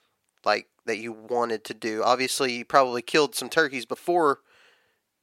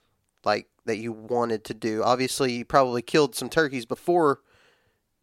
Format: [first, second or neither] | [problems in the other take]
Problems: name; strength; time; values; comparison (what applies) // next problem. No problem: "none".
second | thin; very slightly; fading below 850 Hz